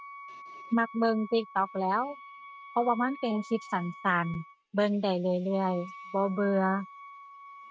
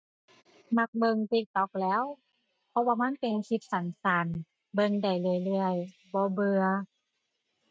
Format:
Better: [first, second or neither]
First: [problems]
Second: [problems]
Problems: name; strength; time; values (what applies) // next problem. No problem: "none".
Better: second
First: background sound (Wind instrument, woodwind instrument); 17 dB below the speech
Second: none